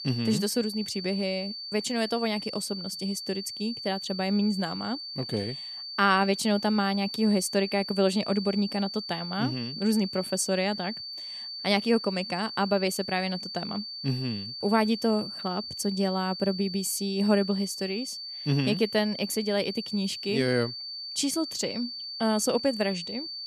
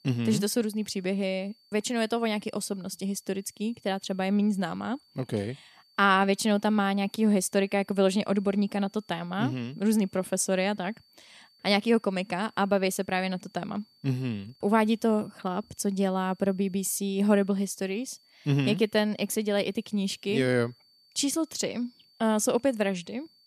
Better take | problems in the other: second | high-pitched whine; loud; throughout; 4.5 kHz, 7 dB below the speech; faint in the second

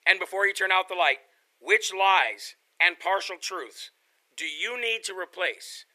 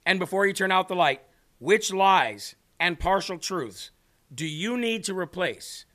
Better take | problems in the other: second | thin; very; fading below 400 Hz

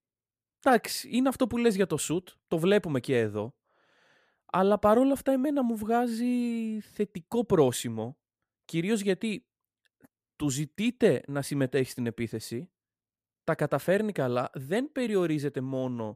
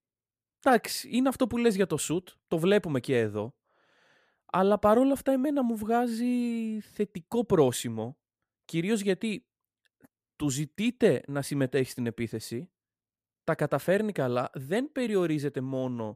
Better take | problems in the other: neither | none

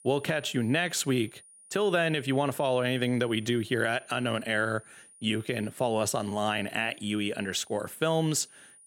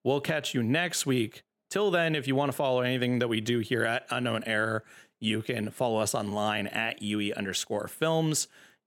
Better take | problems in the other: second | high-pitched whine; faint; throughout; 9.5 kHz, 25 dB below the speech

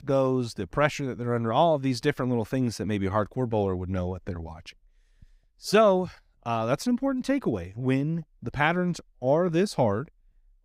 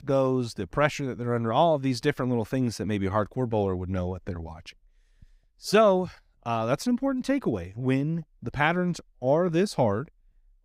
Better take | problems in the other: neither | none

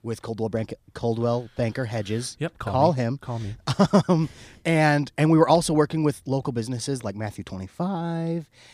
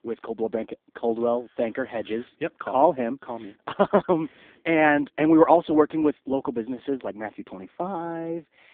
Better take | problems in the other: first | phone-call audio; poor line

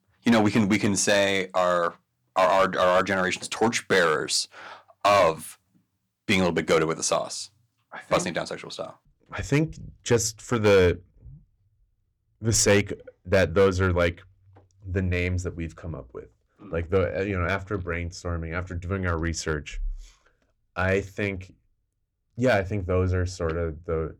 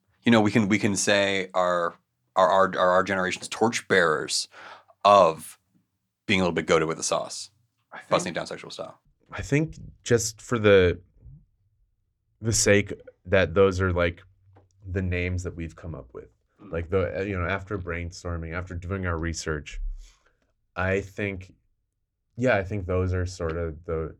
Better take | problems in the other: second | distortion; slight; 2% of the sound clipped

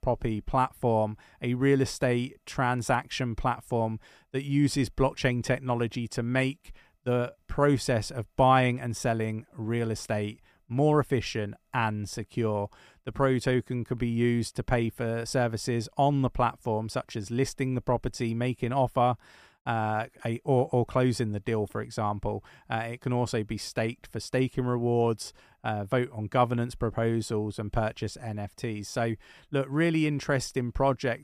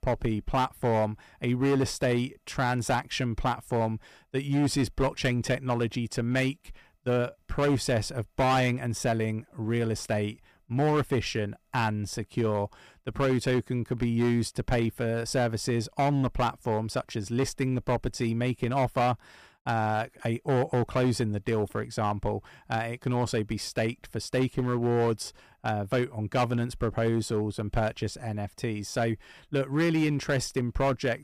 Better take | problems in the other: first | distortion; slight; 7% of the sound clipped

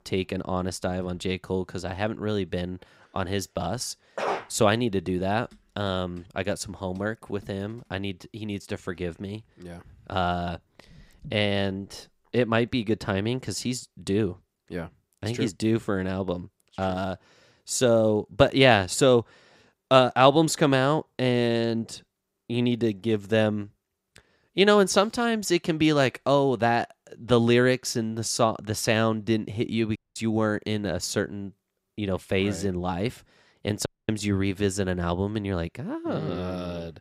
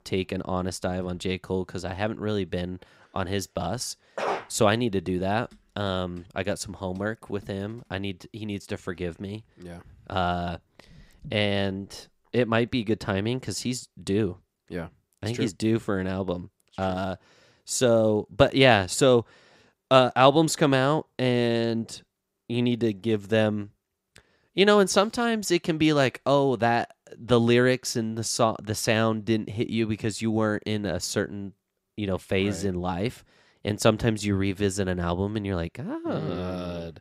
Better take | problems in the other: second | audio cutting out; at 30 s and at 34 s

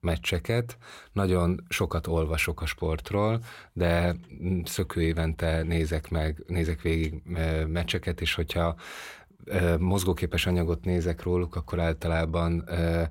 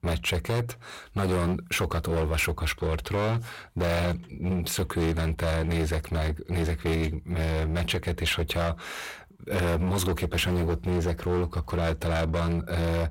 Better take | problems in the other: first | distortion; heavy; 21% of the sound clipped

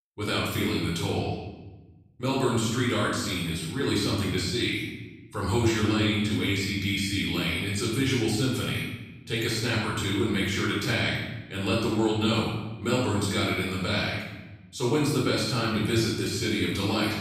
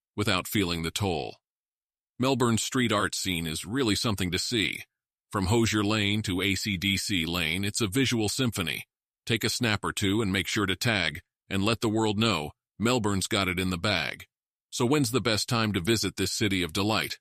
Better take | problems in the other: second | off-mic speech; far // room echo; strong; dies away in 1.1 s

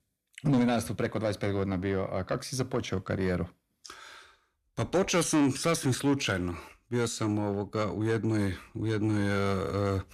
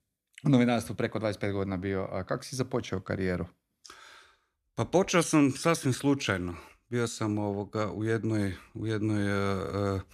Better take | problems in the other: second | distortion; slight; 10 dB below the speech

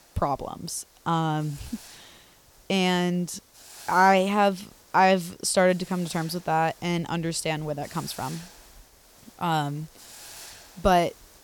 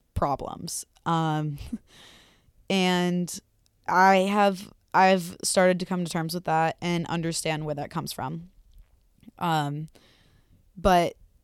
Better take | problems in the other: second | hiss; faint; throughout; 20 dB below the speech

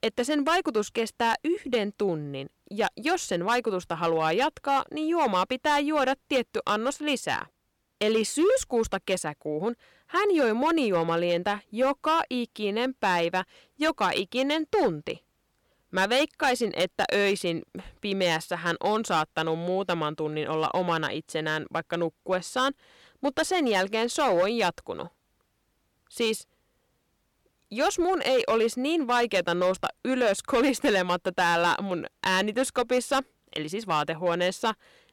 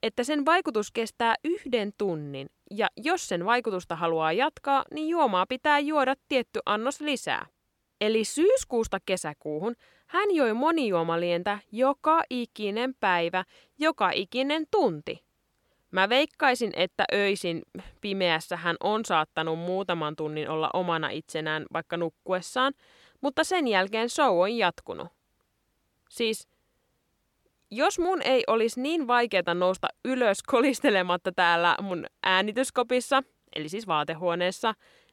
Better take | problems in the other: second | distortion; slight; 5% of the sound clipped

